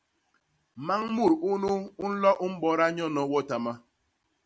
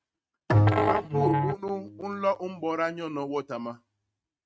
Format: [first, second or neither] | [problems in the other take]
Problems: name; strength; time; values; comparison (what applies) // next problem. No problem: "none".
first | noise reduction (neural mask model RNNoise)